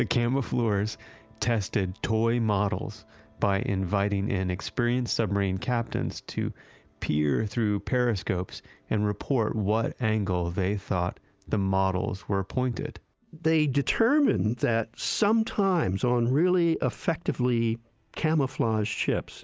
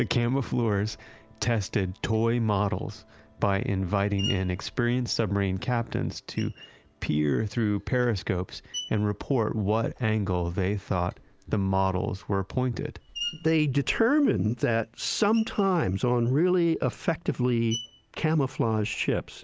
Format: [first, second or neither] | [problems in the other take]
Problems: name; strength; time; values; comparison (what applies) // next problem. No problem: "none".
first | background sound (Screech); 20 dB below the speech